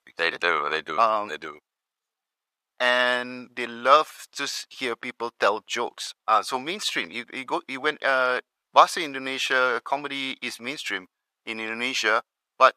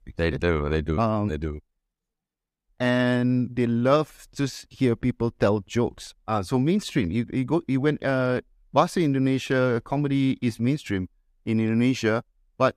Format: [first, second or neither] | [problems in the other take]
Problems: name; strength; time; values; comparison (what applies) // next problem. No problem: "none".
second | thin; very; fading below 850 Hz